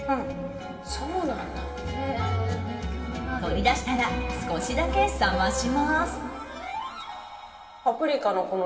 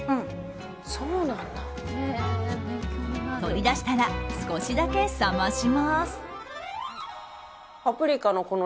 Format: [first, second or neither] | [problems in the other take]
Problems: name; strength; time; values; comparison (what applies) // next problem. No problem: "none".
second | room echo; dies away in 2.4 s